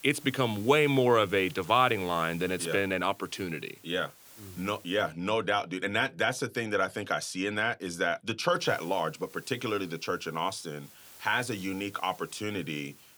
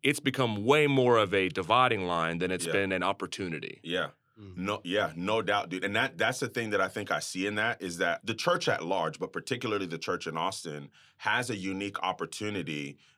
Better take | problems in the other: second | hiss; noticeable; until 5 s and from 8.5 s on; 20 dB below the speech

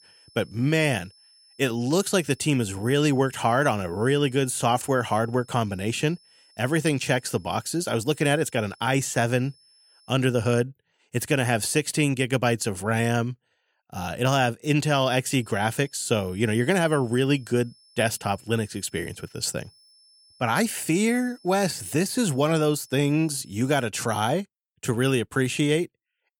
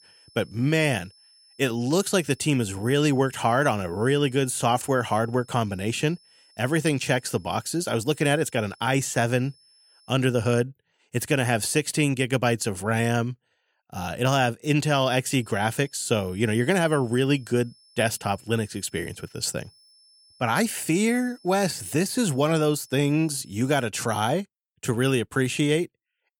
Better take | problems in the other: neither | high-pitched whine; faint; until 10 s and from 15 to 24 s; 5.5 kHz, 30 dB below the speech; the same in both

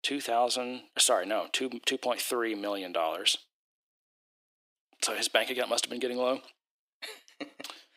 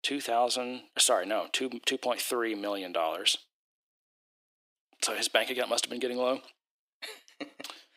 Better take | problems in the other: neither | thin; very; fading below 300 Hz; the same in both

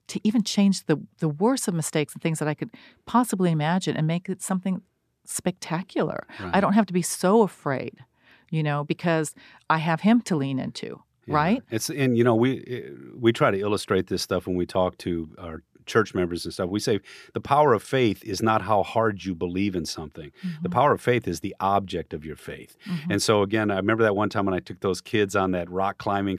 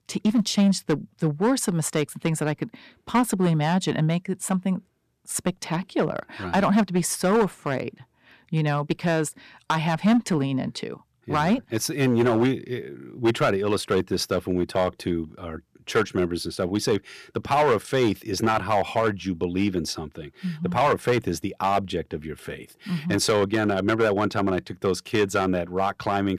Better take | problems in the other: first | distortion; slight; 4% of the sound clipped

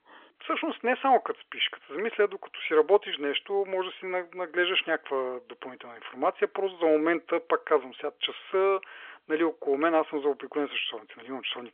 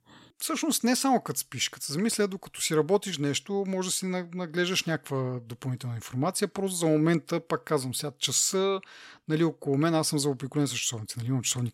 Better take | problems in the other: second | phone-call audio; nothing above 3.5 kHz

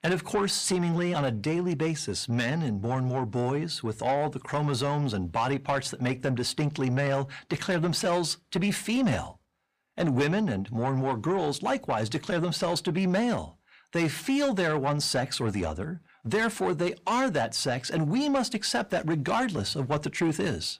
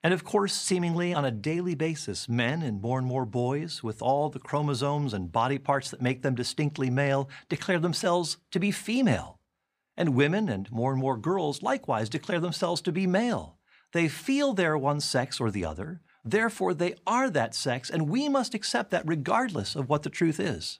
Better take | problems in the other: second | distortion; slight; 10 dB below the speech

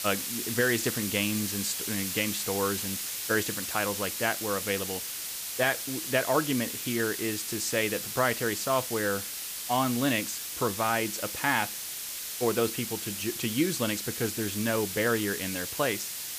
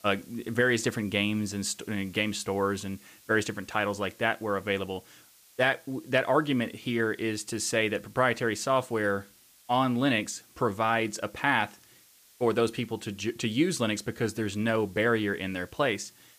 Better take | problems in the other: second | hiss; loud; throughout; 3 dB below the speech; faint in the second

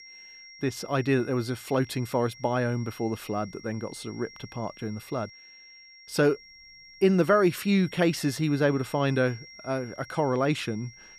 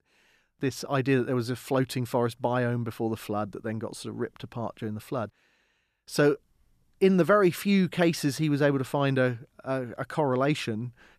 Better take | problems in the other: second | high-pitched whine; noticeable; throughout; 2 kHz, 20 dB below the speech

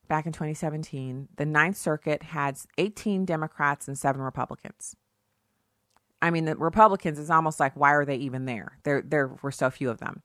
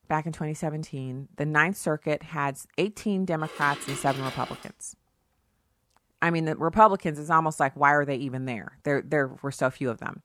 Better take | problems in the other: first | clattering dishes; noticeable; from 3.5 to 4.5 s; peak 9 dB below the speech

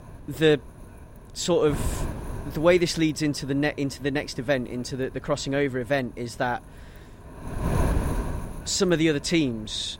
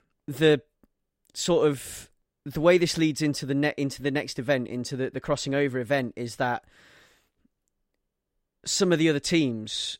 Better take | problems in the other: second | wind noise on the microphone; occasional gusts; 10 dB below the speech

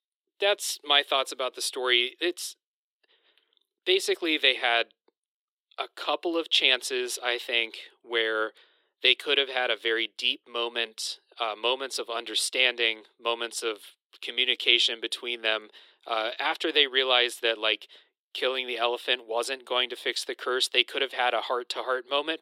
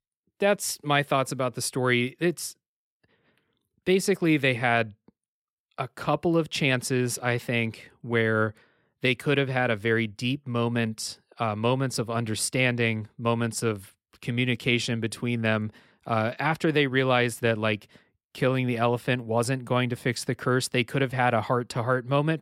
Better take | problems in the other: second | thin; very; fading below 350 Hz

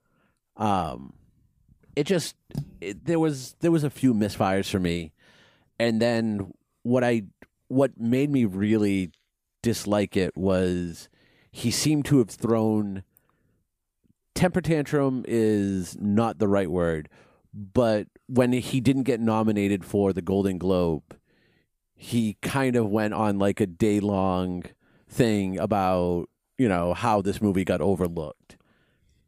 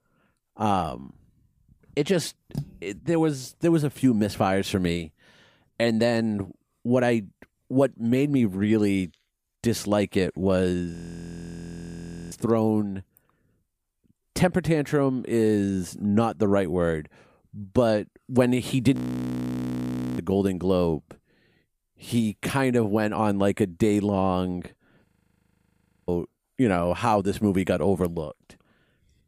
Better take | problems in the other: first | audio freezing; at 11 s for 1.5 s, at 19 s for 1 s and at 25 s for 1 s

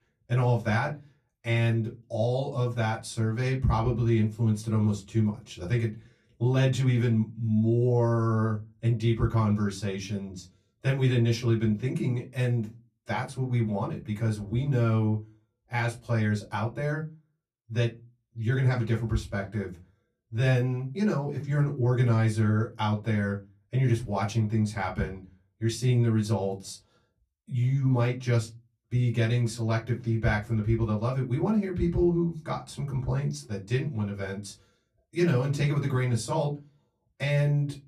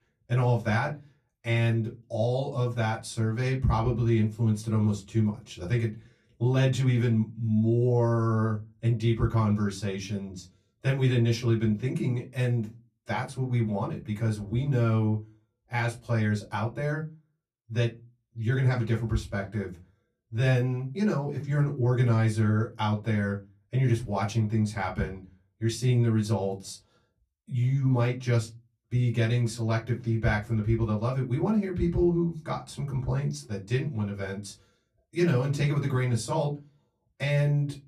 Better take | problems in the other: neither | off-mic speech; far; the same in both // room echo; very slight; dies away in 0.2 s; the same in both

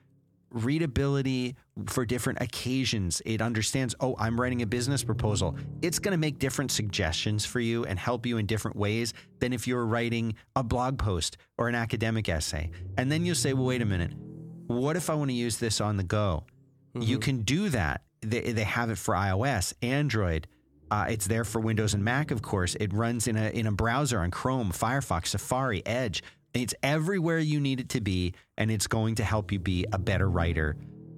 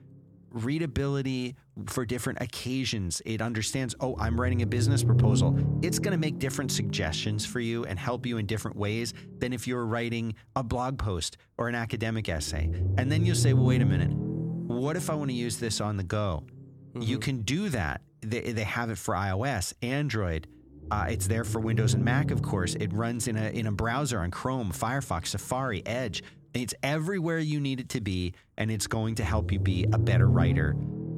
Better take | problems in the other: first | low rumble; loud; throughout; 7 dB below the speech; faint in the first

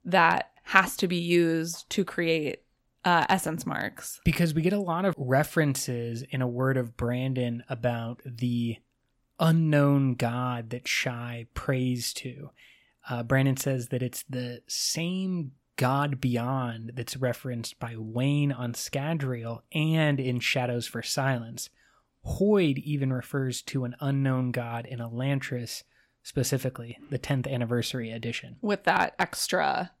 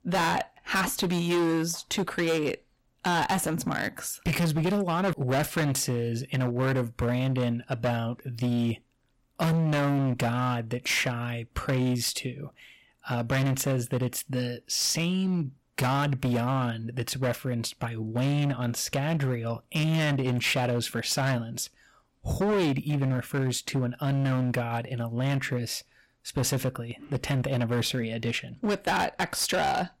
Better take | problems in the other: first | distortion; heavy; 16% of the sound clipped

